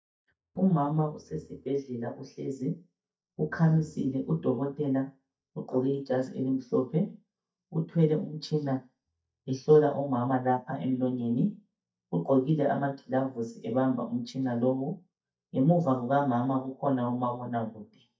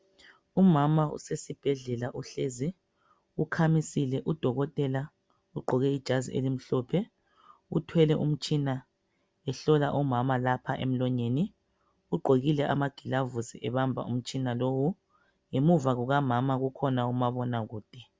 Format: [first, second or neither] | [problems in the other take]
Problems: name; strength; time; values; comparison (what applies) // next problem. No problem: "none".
second | noise reduction (neural mask model DeepFilterNet 3)